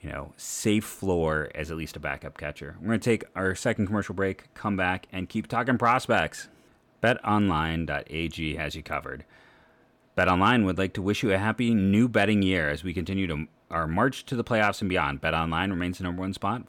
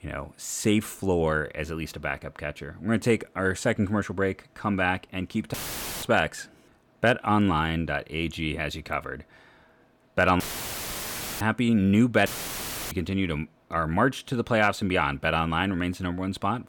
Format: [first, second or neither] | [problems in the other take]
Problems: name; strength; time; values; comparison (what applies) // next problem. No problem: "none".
first | audio cutting out; filled with static; at 5.5 s, at 10 s for 1 s and at 12 s for 0.5 s